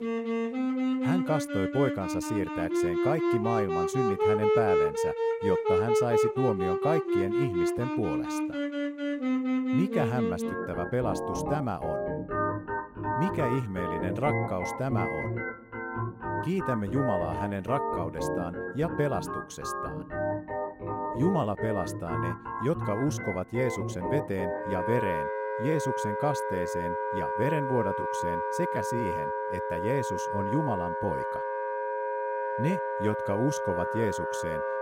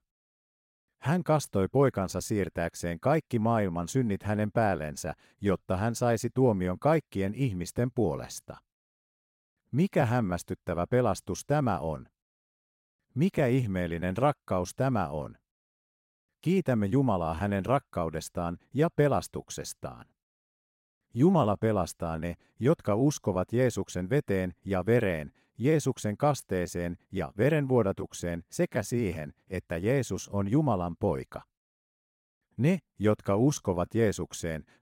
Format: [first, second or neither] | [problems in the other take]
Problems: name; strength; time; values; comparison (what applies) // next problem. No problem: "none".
second | background music; very loud; throughout; 1 dB above the speech